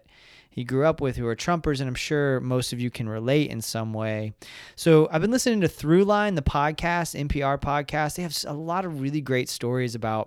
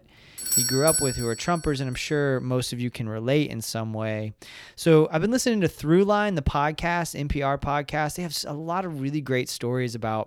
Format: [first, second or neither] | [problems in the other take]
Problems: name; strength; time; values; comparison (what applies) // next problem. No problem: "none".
first | doorbell; loud; at 0.5 s; peak 4 dB above the speech